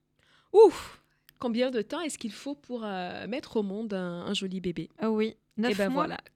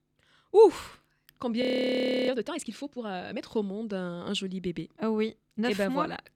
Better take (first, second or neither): first